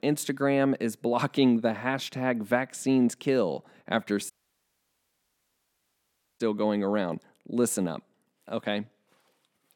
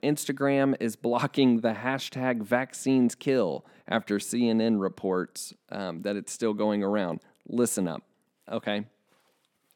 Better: second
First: audio cutting out; at 4.5 s for 2 s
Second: none

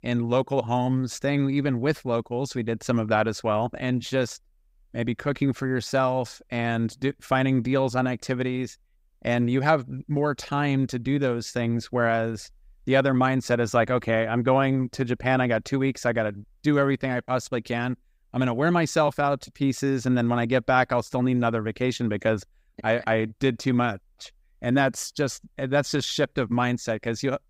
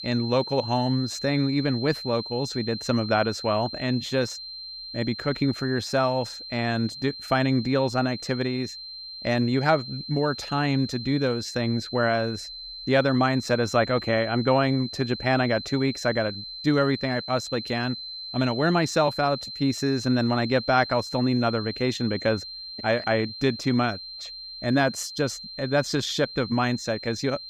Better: first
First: none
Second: high-pitched whine; loud; throughout; 4 kHz, 10 dB below the speech

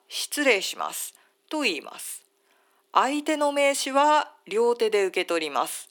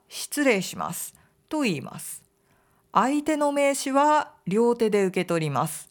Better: second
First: thin; very slightly; fading below 300 Hz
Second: none

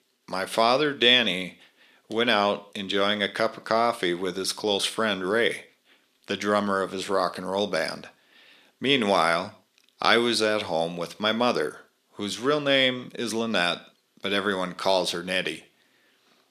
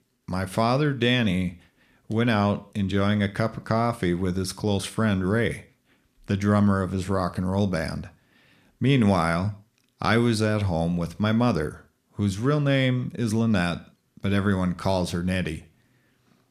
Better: second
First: thin; somewhat; fading below 400 Hz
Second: none

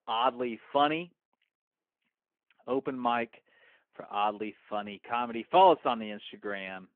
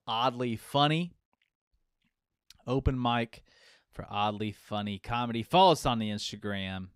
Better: second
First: phone-call audio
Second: none

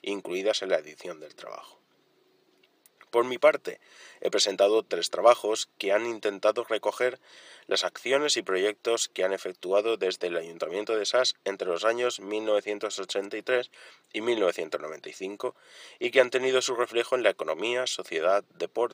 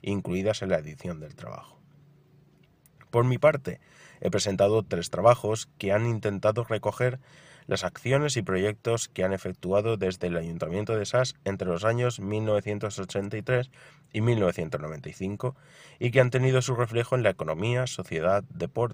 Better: second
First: thin; very; fading below 350 Hz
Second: none

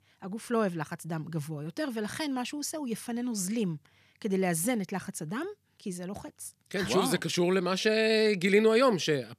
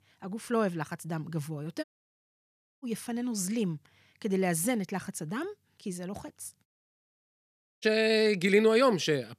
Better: first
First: none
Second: audio cutting out; at 2 s for 1 s and at 6.5 s for 1 s

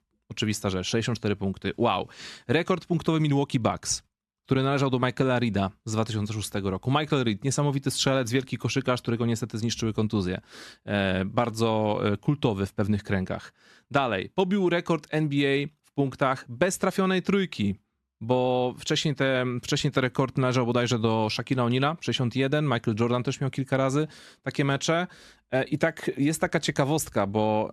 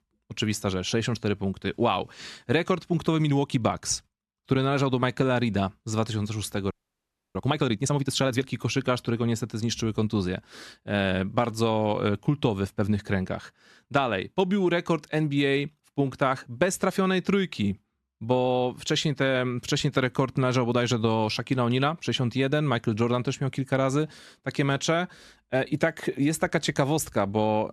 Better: first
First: none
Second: audio freezing; at 6.5 s for 0.5 s

